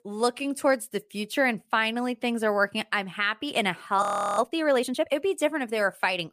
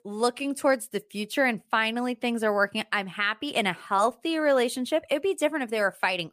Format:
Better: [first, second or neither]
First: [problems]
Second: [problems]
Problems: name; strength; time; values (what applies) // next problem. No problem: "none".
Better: second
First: audio freezing; at 4 s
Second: none